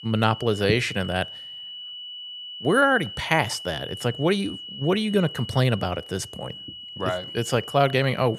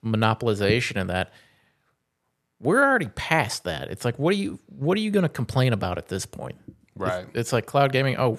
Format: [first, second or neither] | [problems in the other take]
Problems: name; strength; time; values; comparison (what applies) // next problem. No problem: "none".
second | high-pitched whine; noticeable; throughout; 3 kHz, 10 dB below the speech